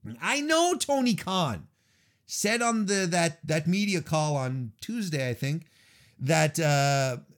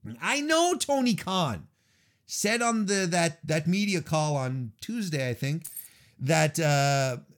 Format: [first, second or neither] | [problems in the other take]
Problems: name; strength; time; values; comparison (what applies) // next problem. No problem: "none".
first | jangling keys; faint; at 5.5 s; peak 15 dB below the speech